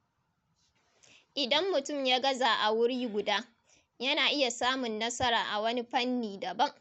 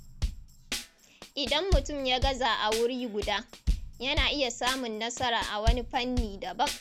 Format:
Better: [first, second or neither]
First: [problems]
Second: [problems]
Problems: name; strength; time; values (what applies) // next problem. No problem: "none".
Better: first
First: none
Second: background sound (Tambourine / Drum / Drum kit); 3 dB below the speech